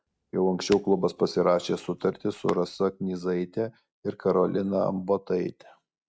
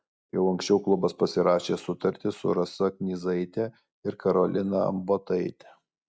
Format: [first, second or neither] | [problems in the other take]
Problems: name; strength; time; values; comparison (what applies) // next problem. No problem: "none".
second | background sound (Hands); 19 dB below the speech